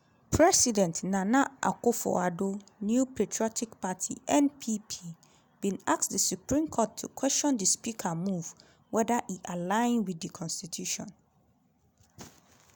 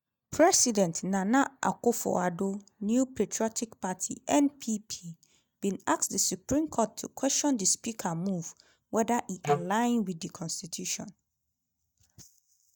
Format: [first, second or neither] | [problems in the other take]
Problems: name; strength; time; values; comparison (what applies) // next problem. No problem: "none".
first | noise reduction (neural mask model DeepFilterNet 3)